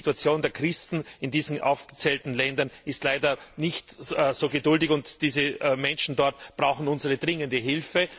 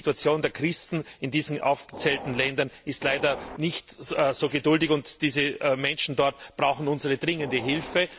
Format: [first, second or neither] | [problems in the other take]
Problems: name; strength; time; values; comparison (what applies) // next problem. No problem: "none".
first | background sound (Train); 11 dB below the speech